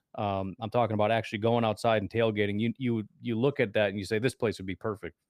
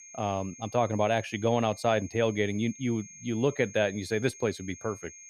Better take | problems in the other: first | high-pitched whine; noticeable; throughout; 6.5 kHz, 15 dB below the speech

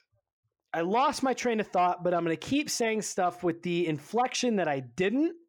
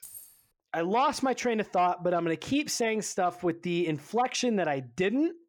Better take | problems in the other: first | jangling keys; faint; at the start; peak 15 dB below the speech

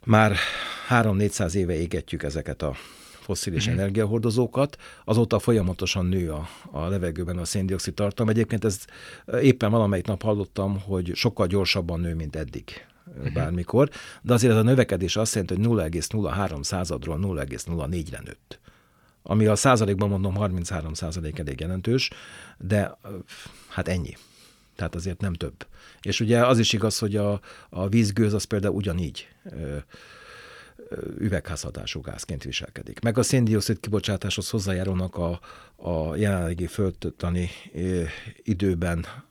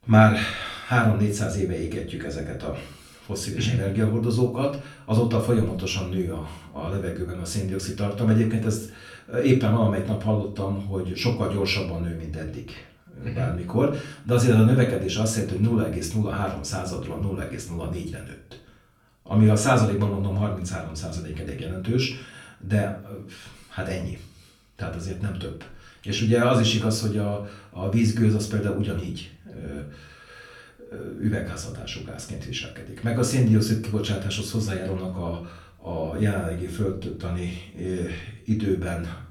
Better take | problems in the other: first | off-mic speech; far // room echo; slight; dies away in 0.4 s

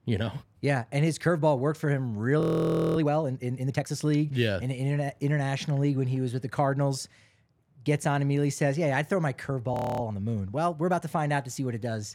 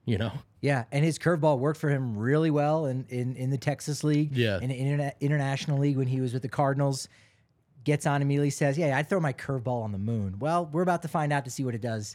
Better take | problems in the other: second | audio freezing; at 2.5 s for 0.5 s and at 9.5 s

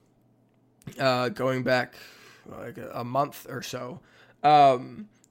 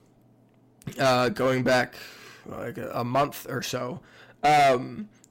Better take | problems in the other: first | distortion; heavy; 7% of the sound clipped

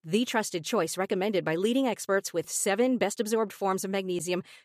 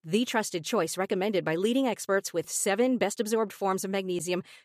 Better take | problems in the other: neither | none

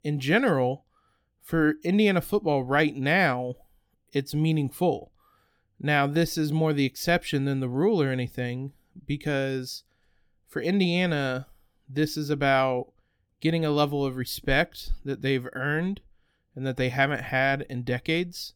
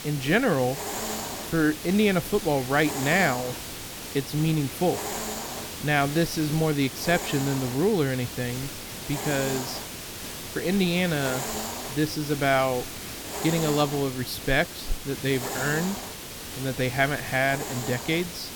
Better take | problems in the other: first | hiss; loud; throughout; 7 dB below the speech

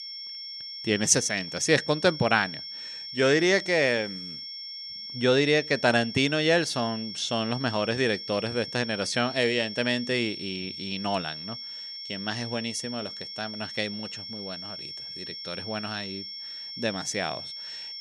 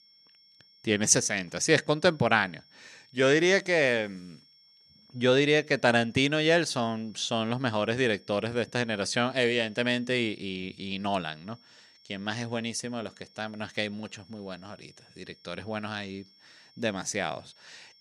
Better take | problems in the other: second | high-pitched whine; loud; throughout; 5.5 kHz, 9 dB below the speech; faint in the second

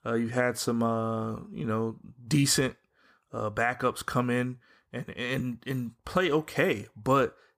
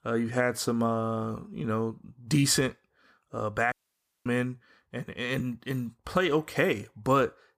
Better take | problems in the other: first | audio cutting out; at 3.5 s for 0.5 s

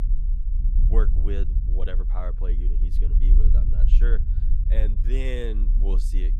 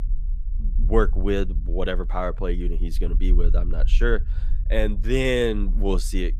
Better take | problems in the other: second | low rumble; loud; throughout; 8 dB below the speech; faint in the second

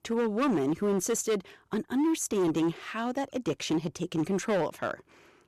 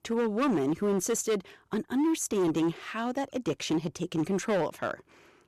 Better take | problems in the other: neither | distortion; slight; 12% of the sound clipped; the same in both

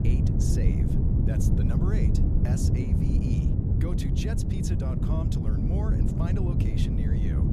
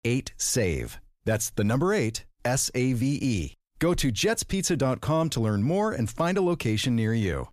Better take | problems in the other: second | wind noise on the microphone; heavy; 4 dB above the speech

